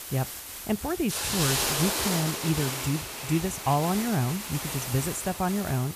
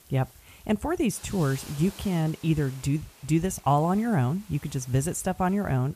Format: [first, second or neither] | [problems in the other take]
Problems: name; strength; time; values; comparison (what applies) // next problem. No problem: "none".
second | hiss; loud; throughout; 1 dB below the speech; faint in the second